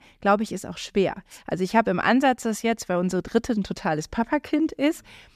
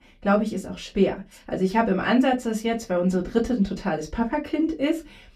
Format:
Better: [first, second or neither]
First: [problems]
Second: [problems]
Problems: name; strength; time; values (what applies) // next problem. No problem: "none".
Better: first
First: none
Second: off-mic speech; far // room echo; very slight; dies away in 0.2 s